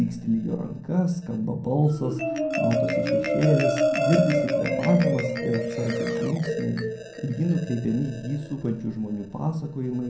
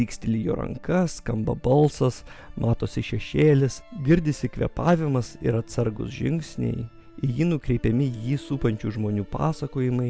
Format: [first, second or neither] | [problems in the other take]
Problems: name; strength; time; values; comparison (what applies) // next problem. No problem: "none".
second | background sound (Marimba, xylophone); 2 dB below the speech // room echo; dies away in 0.6 s